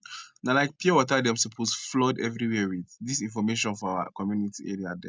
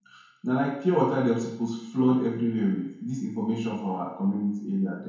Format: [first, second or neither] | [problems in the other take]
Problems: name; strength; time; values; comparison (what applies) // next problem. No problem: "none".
first | room echo; dies away in 0.9 s